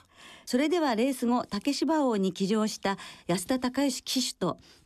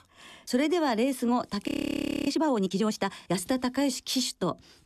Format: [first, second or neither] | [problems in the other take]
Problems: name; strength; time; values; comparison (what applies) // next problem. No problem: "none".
first | audio freezing; at 1.5 s for 0.5 s